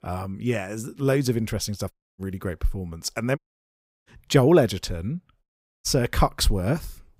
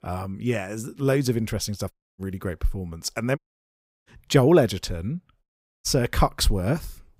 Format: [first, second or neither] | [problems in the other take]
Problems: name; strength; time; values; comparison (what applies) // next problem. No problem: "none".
neither | audio cutting out; at 2 s, at 3.5 s for 0.5 s and at 5.5 s; the same in both